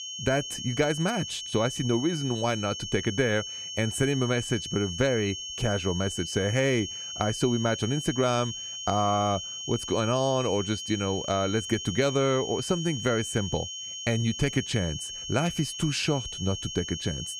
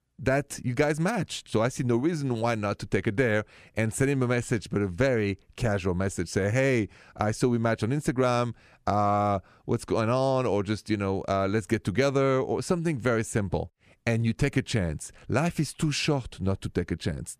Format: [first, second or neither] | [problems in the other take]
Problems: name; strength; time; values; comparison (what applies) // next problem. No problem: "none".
second | high-pitched whine; loud; throughout; 3 kHz, 6 dB below the speech